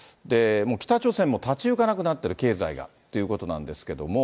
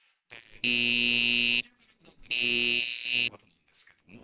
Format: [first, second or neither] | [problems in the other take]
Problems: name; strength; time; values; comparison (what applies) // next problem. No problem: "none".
first | noise reduction (neural separator model SepFormer WHAMR!)